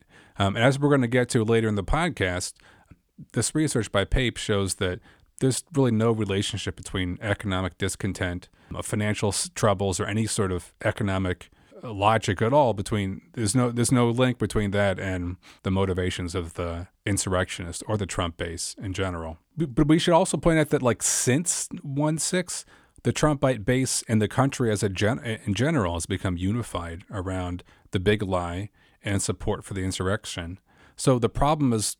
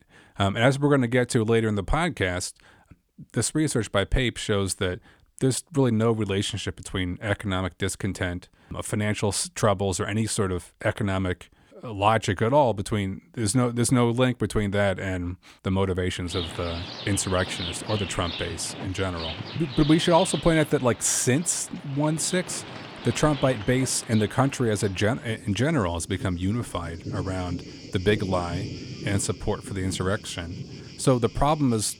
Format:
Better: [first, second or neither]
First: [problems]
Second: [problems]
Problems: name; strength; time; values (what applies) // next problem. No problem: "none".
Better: first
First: none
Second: rain or running water; noticeable; from 16 s on; 10 dB below the speech